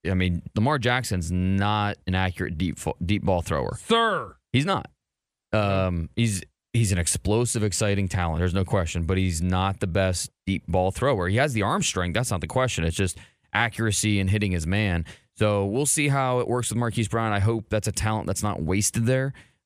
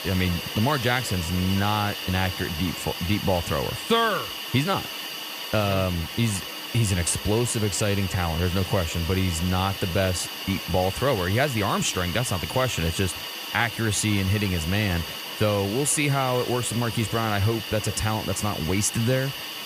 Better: first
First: none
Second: hiss; loud; throughout; 6 dB below the speech

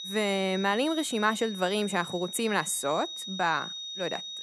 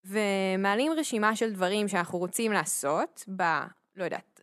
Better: second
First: high-pitched whine; loud; throughout; 3.5 kHz, 8 dB below the speech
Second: none

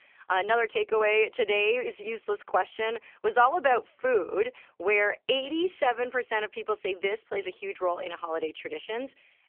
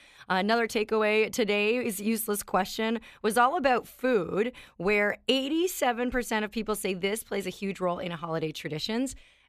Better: second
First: phone-call audio; poor line; nothing above 3 kHz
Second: none

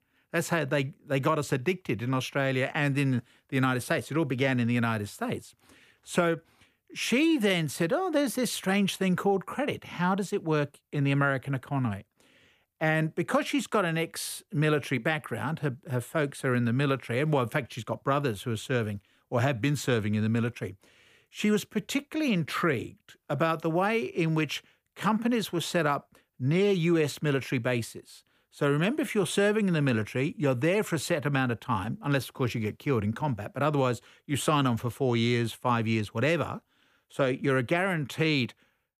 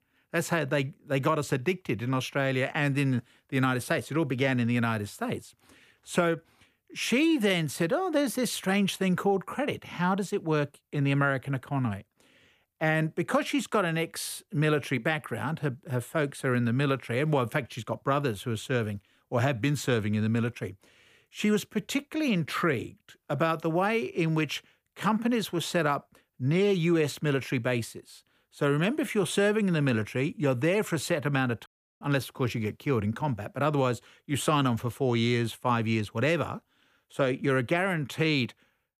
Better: first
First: none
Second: audio cutting out; at 32 s

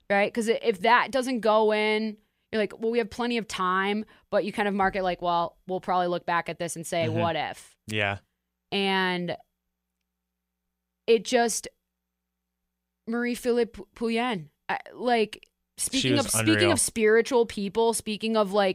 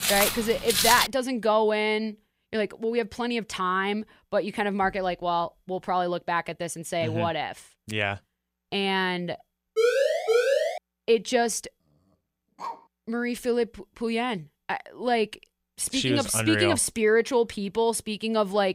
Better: first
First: none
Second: footsteps; loud; until 1 s; peak 5 dB above the speech // siren; loud; from 10 to 11 s; peak 4 dB above the speech // dog barking; faint; at 13 s; peak 10 dB below the speech

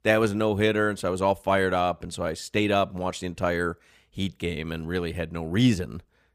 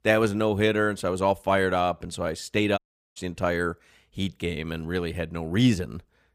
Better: first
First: none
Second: audio cutting out; at 3 s

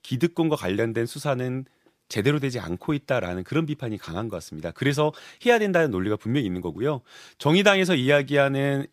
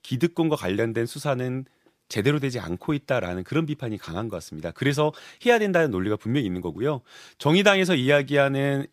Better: neither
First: none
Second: none

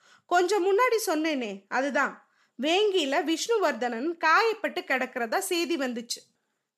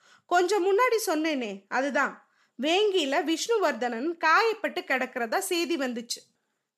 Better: neither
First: none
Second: none

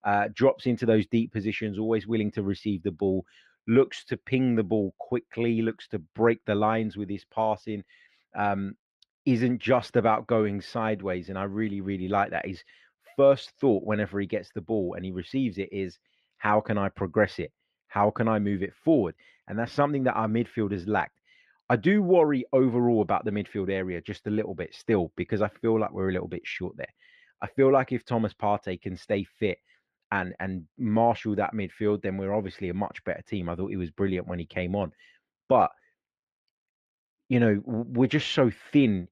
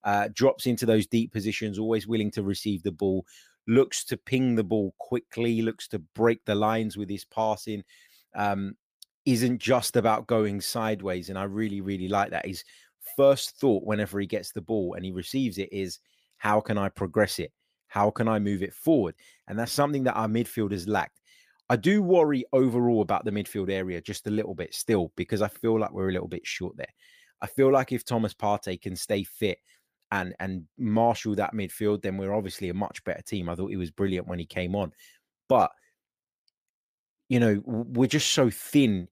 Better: second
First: muffled; slightly; fading above 2.5 kHz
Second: none

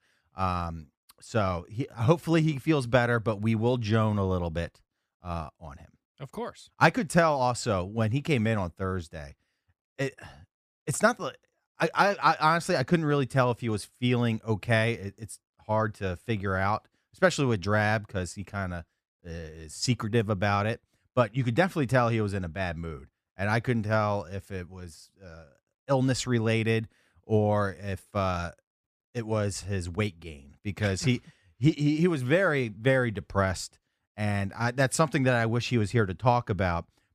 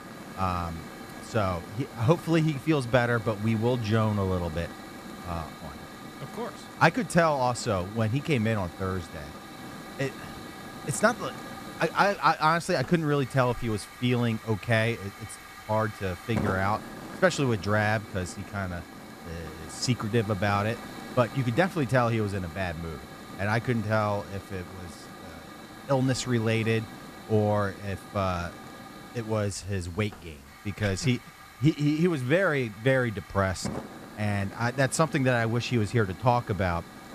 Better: first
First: none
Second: hiss; noticeable; throughout; 15 dB below the speech

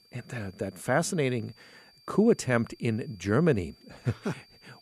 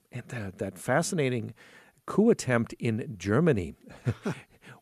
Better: second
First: high-pitched whine; faint; throughout; 4.5 kHz, 30 dB below the speech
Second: none

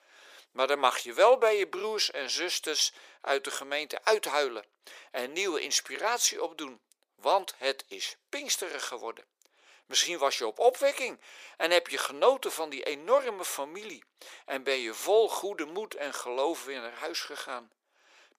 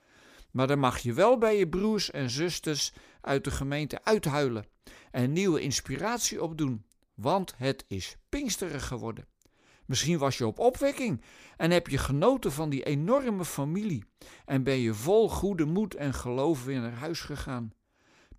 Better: second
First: thin; very; fading below 450 Hz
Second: none

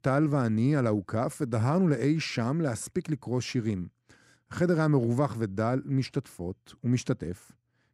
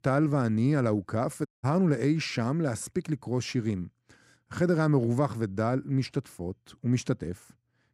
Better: first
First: none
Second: audio cutting out; at 1.5 s

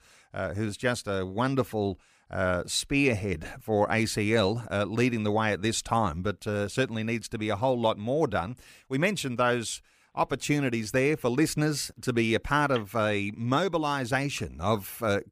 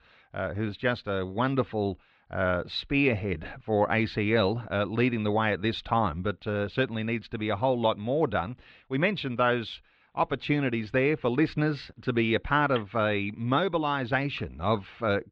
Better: first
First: none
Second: muffled; slightly; fading above 4 kHz

